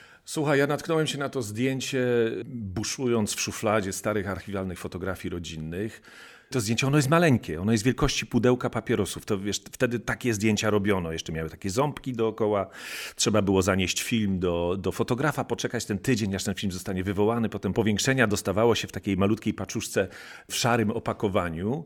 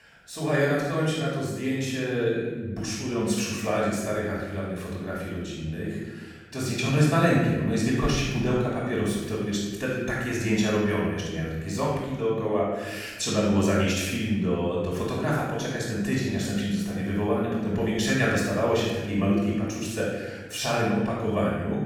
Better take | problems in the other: first | off-mic speech; far // room echo; strong; dies away in 1.2 s

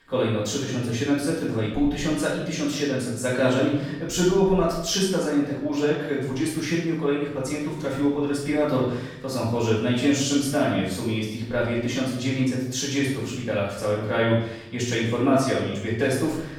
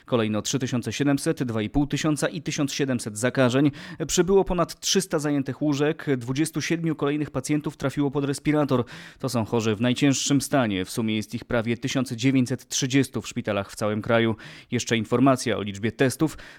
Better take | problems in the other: second | room echo; noticeable; dies away in 0.7 s // off-mic speech; far

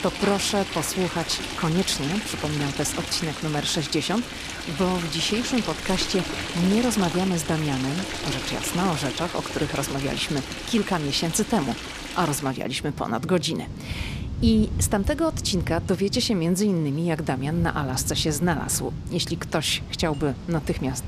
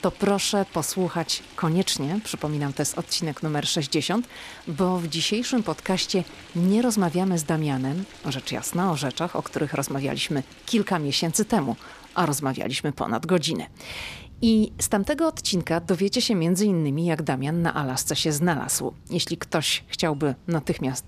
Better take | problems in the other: second | rain or running water; loud; throughout; 7 dB below the speech; faint in the second

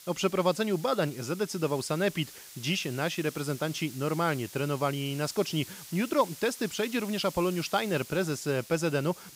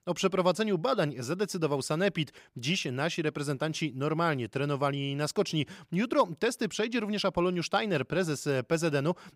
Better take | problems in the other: second | hiss; noticeable; throughout; 15 dB below the speech

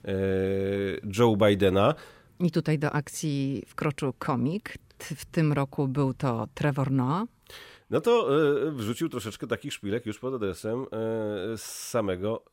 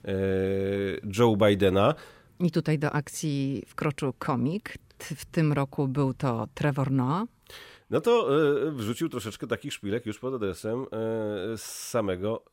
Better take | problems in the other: neither | none

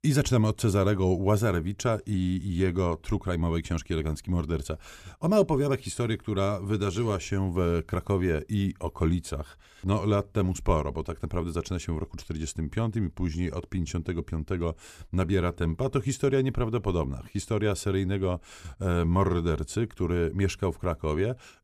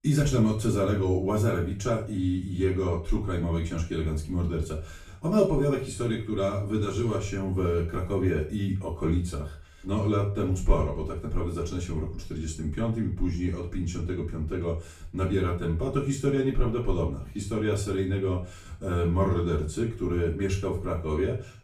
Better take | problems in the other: first | off-mic speech; far // room echo; slight; dies away in 0.3 s

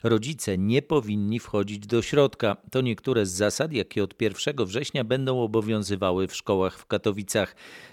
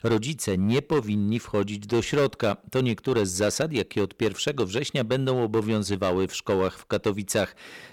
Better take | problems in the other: first | distortion; slight; 5% of the sound clipped

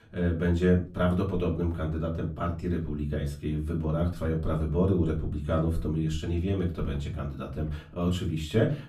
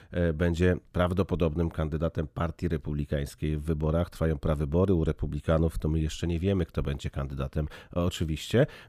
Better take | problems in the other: second | off-mic speech; far // room echo; very slight; dies away in 0.3 s

